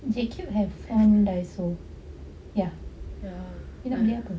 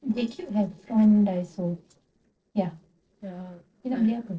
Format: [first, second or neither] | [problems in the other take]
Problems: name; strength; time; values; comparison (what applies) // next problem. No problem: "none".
first | noise reduction (neural separator model SepFormer DNS4)